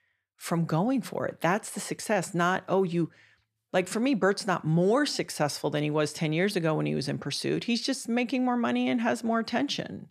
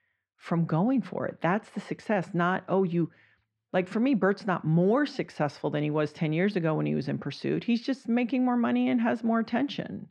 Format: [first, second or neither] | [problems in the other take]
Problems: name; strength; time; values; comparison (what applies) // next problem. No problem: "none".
first | muffled; slightly; fading above 3 kHz